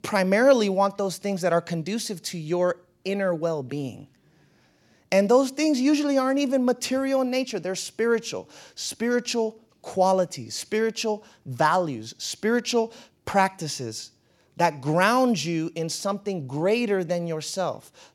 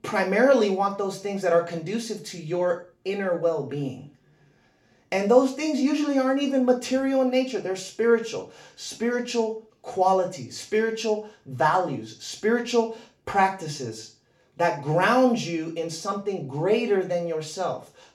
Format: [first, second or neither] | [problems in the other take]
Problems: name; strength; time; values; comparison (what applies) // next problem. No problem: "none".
first | room echo; slight; dies away in 0.3 s // off-mic speech; far